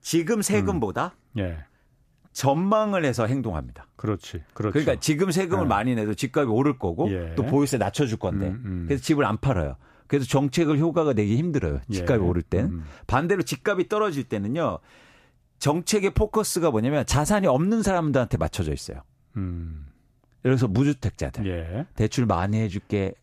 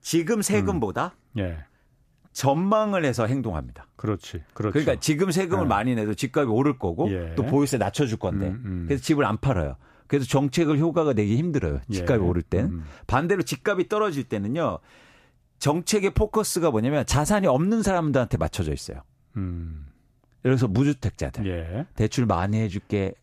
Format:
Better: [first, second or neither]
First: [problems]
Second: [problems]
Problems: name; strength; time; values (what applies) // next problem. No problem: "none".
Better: neither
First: none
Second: none